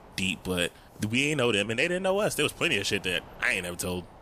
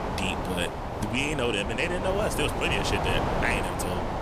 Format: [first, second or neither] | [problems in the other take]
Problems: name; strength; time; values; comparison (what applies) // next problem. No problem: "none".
first | wind noise on the microphone; heavy; 2 dB below the speech; occasional gusts in the first